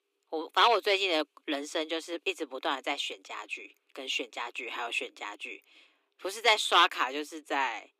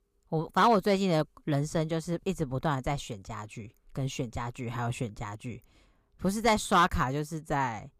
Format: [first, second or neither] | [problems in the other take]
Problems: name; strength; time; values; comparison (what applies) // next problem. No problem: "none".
second | thin; very; fading below 300 Hz